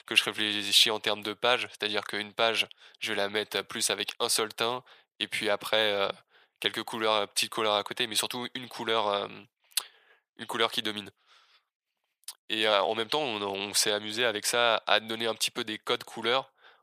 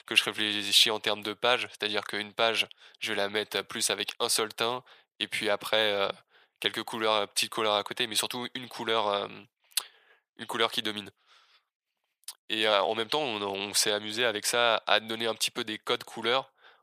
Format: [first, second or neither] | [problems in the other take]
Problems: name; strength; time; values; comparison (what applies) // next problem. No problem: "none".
neither | thin; very; fading below 650 Hz; the same in both